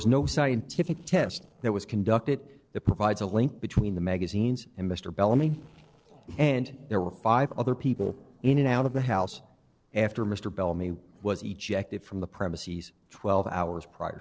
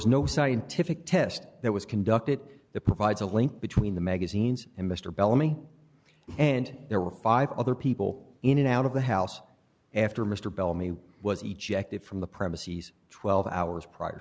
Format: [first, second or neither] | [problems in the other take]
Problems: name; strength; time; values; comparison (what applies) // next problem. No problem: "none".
second | noise reduction (neural separator model SepFormer DNS4)